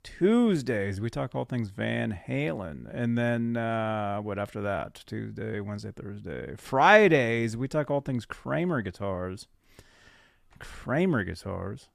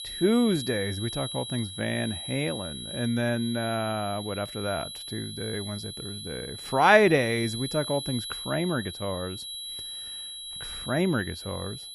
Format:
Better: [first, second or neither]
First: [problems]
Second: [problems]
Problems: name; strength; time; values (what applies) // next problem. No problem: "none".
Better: first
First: none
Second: high-pitched whine; loud; throughout; 4 kHz, 8 dB below the speech